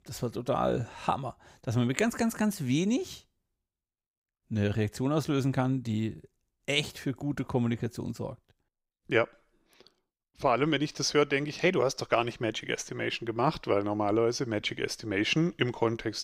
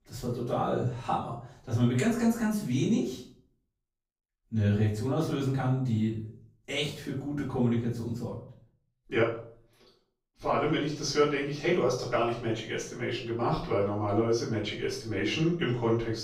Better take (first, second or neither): first